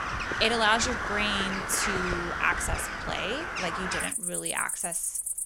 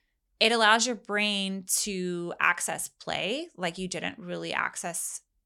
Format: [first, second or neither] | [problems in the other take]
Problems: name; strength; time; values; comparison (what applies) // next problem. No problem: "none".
second | animal sounds; loud; throughout; 1 dB below the speech